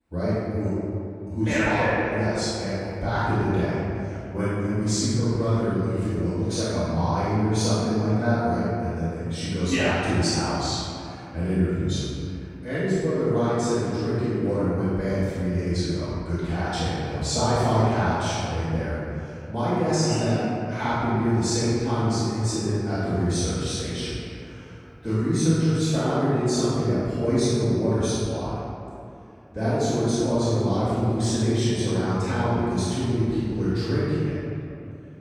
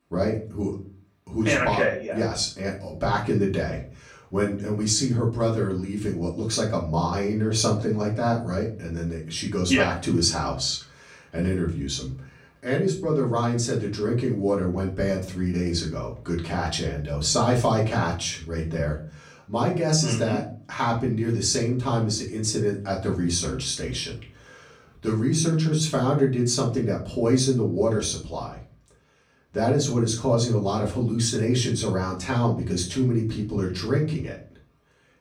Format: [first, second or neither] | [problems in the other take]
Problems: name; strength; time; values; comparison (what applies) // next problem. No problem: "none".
second | room echo; strong; dies away in 2.4 s; slight in the second // off-mic speech; far; far in the second